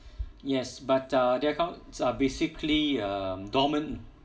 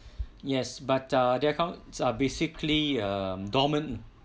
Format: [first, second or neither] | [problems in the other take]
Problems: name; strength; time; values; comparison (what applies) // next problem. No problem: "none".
second | room echo; dies away in 0.4 s